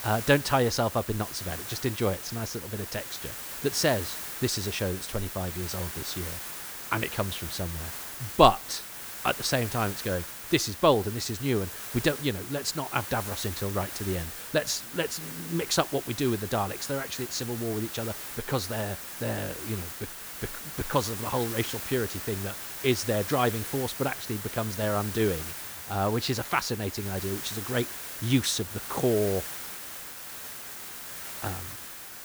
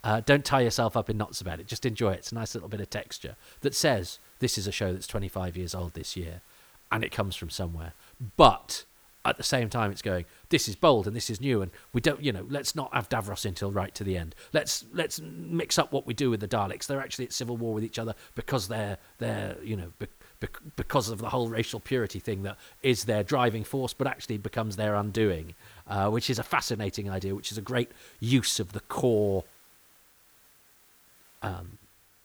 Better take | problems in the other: second | hiss; loud; throughout; 7 dB below the speech; faint in the second

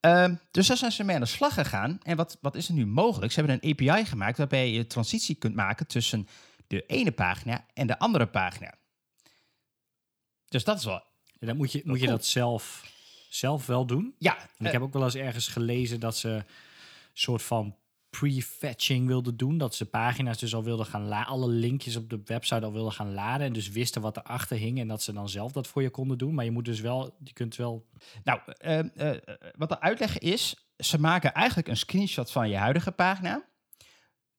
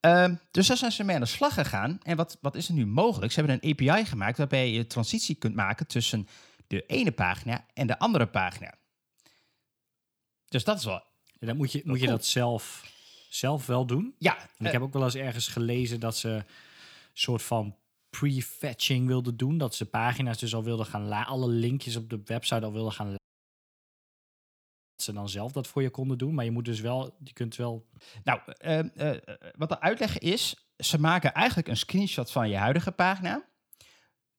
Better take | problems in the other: first | audio cutting out; at 23 s for 2 s

